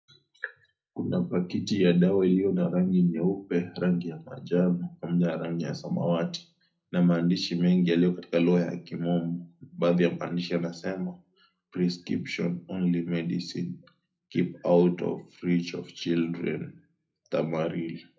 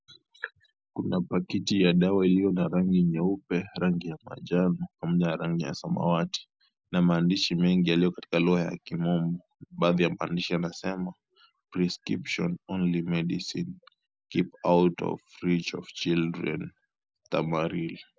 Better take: second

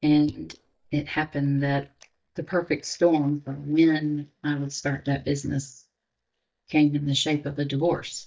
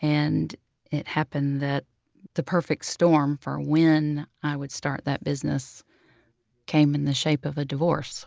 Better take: second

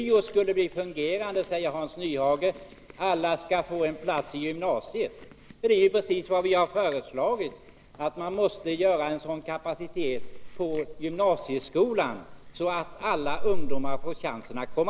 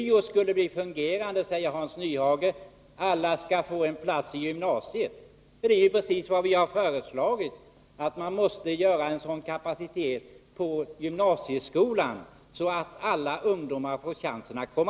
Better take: second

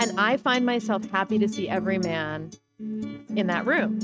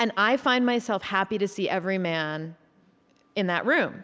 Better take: second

